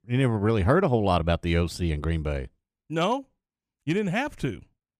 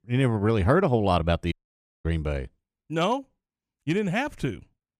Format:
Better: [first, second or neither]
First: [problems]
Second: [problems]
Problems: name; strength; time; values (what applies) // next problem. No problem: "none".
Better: first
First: none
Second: audio cutting out; at 1.5 s for 0.5 s